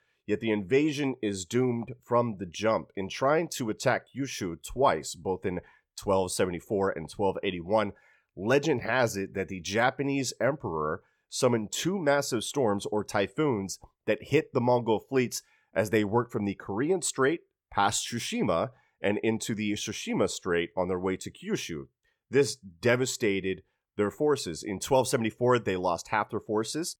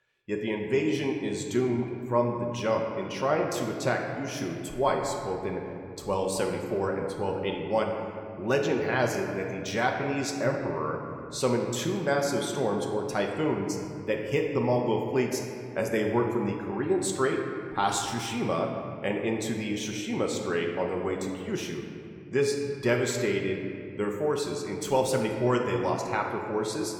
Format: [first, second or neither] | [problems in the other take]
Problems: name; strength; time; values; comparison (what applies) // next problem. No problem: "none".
first | room echo; slight; dies away in 2 s